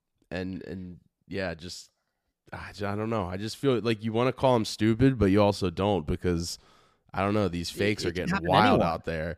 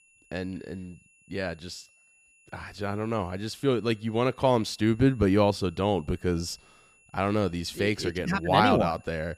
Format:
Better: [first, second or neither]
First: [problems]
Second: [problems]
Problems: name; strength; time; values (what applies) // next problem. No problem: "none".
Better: first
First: none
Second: high-pitched whine; faint; throughout; 2.5 kHz, 30 dB below the speech